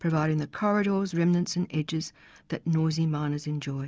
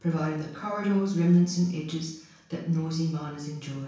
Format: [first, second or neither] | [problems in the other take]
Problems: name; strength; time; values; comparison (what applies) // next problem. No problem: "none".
first | room echo; dies away in 0.7 s